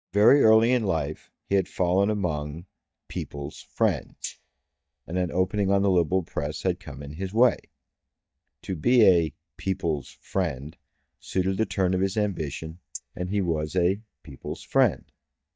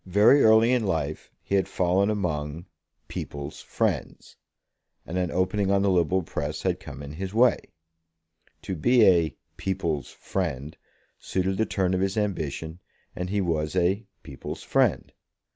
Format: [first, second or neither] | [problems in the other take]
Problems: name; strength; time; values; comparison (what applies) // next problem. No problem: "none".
second | noise reduction (neural mask model DeepFilterNet 3)